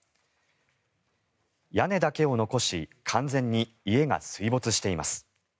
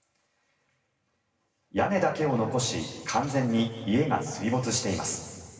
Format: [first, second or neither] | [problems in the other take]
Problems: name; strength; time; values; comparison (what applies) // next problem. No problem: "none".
first | room echo; dies away in 2.3 s